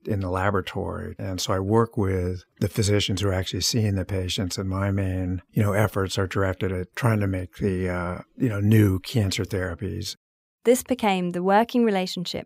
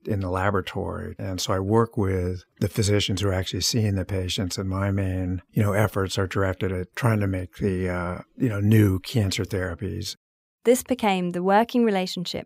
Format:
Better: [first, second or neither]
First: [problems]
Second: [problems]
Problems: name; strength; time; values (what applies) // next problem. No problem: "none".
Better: neither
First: none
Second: none